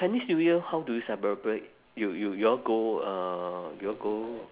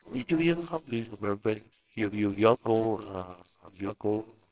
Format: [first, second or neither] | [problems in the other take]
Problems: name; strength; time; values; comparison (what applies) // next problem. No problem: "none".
first | noise reduction (neural separator model SepFormer WHAMR!)